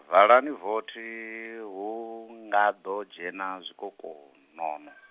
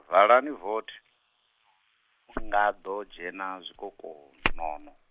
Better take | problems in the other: first | noise reduction (neural mask model Resemble Enhance denoiser)

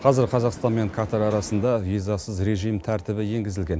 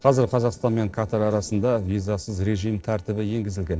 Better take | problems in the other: first | noise reduction (neural separator model SepFormer DNS4)

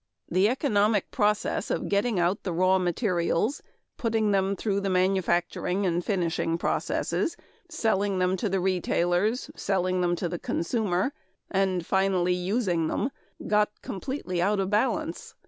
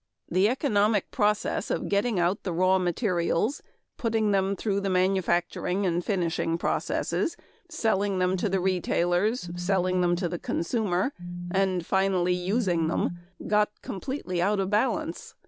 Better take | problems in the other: first | background sound (Telephone); 10 dB below the speech

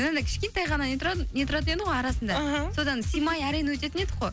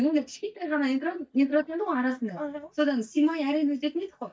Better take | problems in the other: first | noise reduction (neural mask model DeepFilterNet 3)

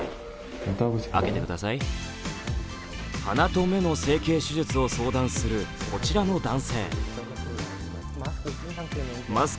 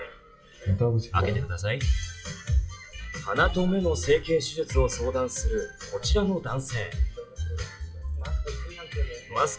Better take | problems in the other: first | noise reduction (classical method WPE with log-MMSE)

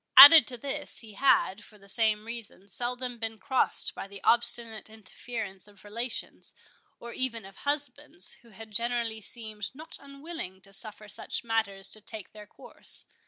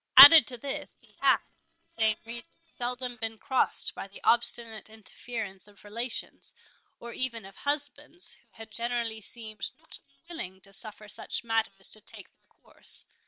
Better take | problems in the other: first | noise reduction (neural separator model SepFormer WHAM!)

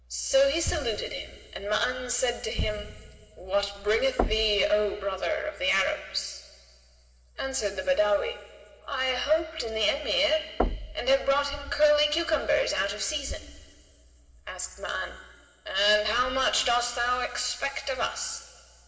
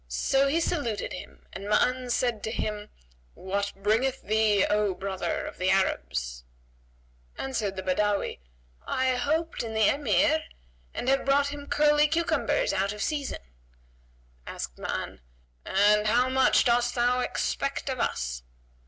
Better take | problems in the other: second | background sound (Knock); 7 dB below the speech // room echo; dies away in 2.6 s

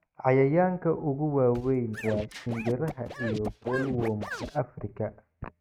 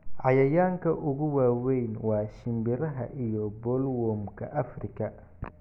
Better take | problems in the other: second | noise reduction (neural mask model RNNoise)

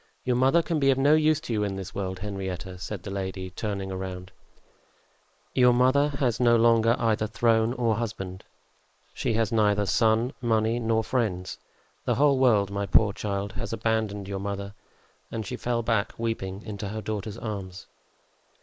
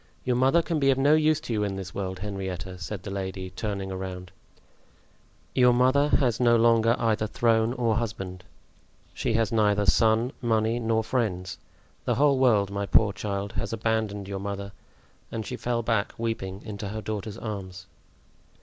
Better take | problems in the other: second | noise reduction (neural mask model Resemble Enhance denoiser)

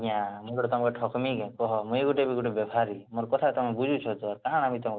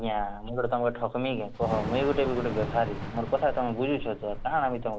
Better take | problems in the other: first | background sound (Thunder / Rain); 8 dB below the speech

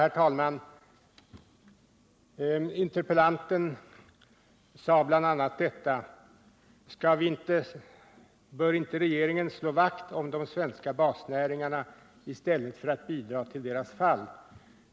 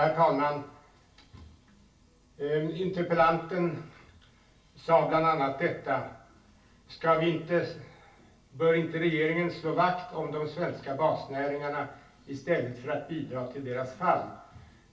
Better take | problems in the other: first | room echo; dies away in 0.3 s

